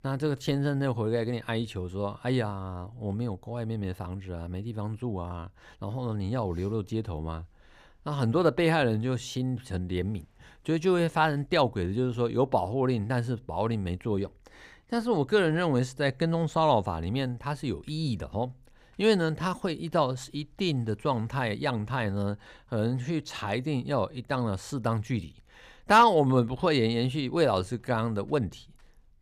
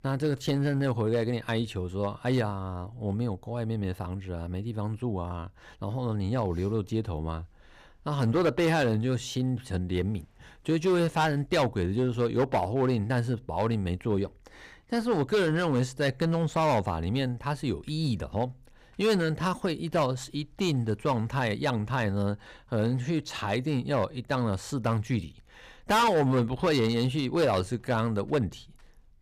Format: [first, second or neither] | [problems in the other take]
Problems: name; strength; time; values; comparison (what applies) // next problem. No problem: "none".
first | distortion; slight; 5% of the sound clipped